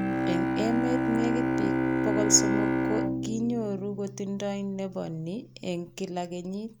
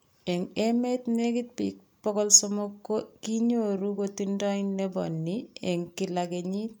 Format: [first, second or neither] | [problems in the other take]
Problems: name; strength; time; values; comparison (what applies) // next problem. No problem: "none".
second | background sound (Bowed string instrument); 2 dB above the speech